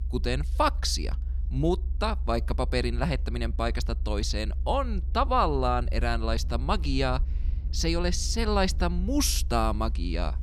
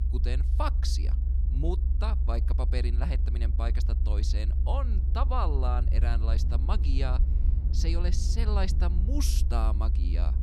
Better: first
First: low rumble; faint; throughout; 25 dB below the speech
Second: low rumble; loud; throughout; 9 dB below the speech

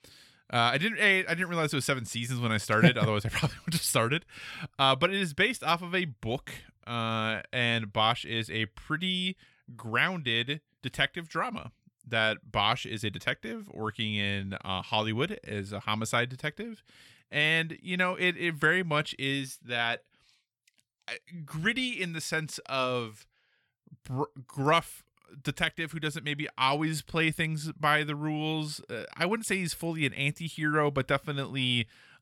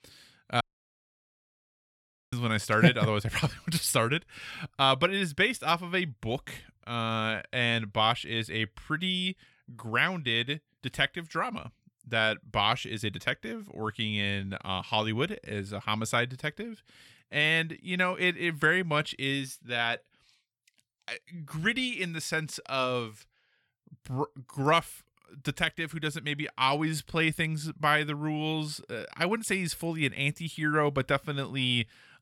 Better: first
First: none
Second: audio cutting out; at 0.5 s for 1.5 s

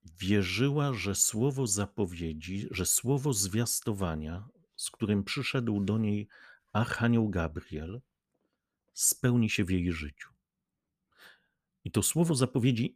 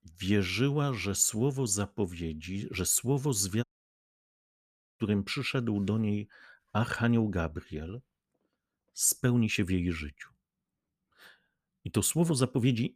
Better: first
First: none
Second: audio cutting out; at 3.5 s for 1.5 s

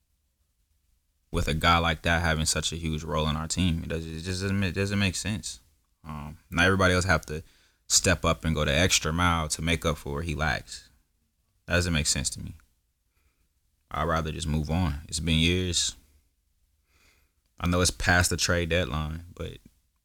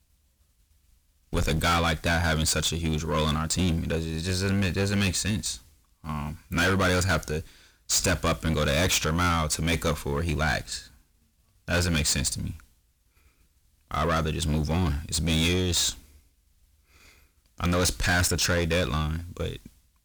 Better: first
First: none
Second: distortion; heavy; 8 dB below the speech

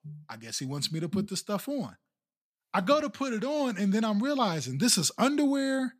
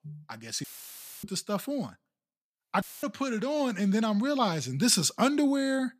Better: first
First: none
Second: audio cutting out; filled with static; at 0.5 s for 0.5 s and at 3 s

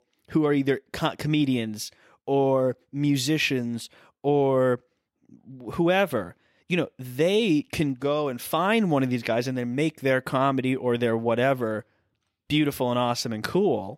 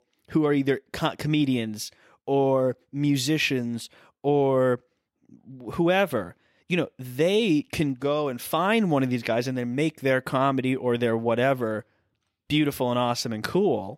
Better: neither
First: none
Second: none

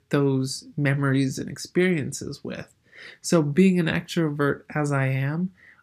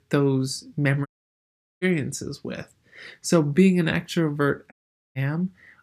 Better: first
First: none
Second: audio cutting out; at 1 s for 1 s and at 4.5 s

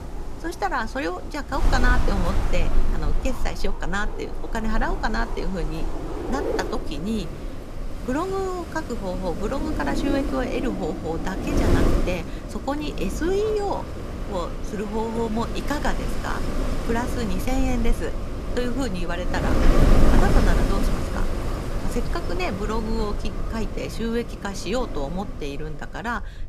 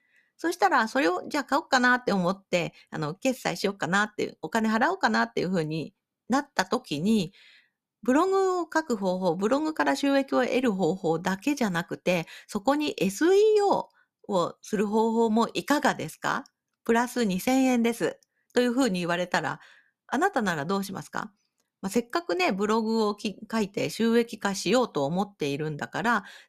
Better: second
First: wind noise on the microphone; heavy; 4 dB below the speech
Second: none

